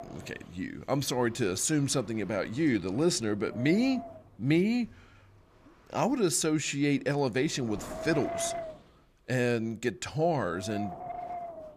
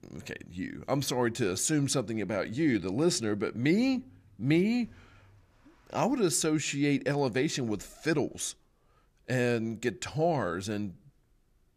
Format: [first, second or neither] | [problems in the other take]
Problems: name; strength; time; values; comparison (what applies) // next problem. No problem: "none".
second | wind noise on the microphone; heavy; 7 dB below the speech